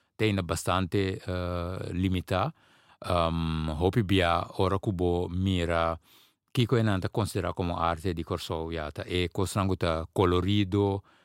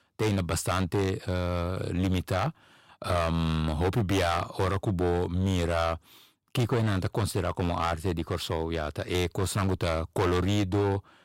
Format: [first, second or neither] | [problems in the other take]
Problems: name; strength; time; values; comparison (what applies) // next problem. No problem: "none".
first | distortion; heavy; 11% of the sound clipped